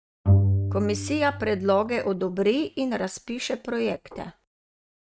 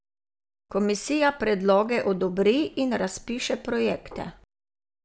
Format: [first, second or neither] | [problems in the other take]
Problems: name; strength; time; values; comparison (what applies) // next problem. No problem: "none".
second | noise reduction (neural mask model RNNoise)